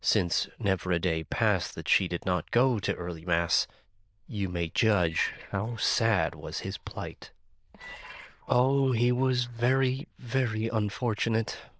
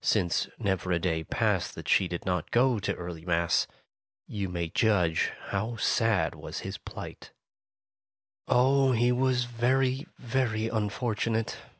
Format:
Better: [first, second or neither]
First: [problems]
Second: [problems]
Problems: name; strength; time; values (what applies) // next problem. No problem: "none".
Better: second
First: noise reduction (neural diffusion model UNIVERSE++)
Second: none